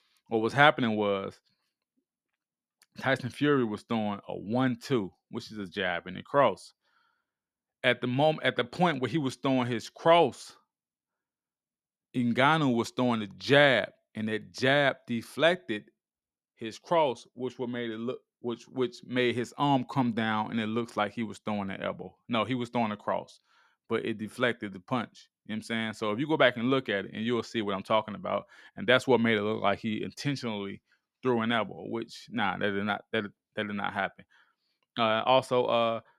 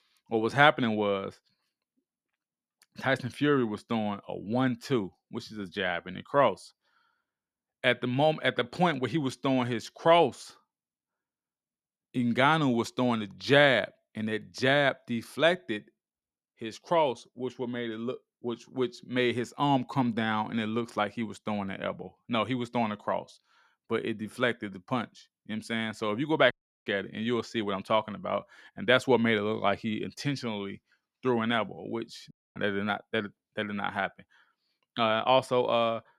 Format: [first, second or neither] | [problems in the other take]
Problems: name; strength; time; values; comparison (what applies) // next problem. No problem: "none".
first | audio cutting out; at 27 s and at 32 s